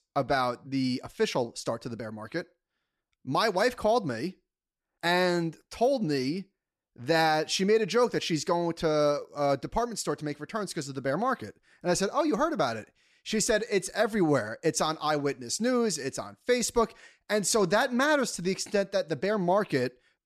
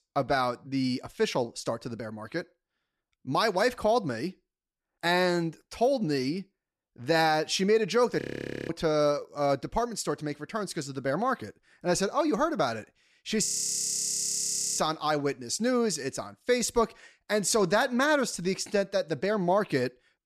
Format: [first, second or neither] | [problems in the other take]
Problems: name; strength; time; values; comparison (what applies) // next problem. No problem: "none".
first | audio freezing; at 8 s and at 13 s for 1.5 s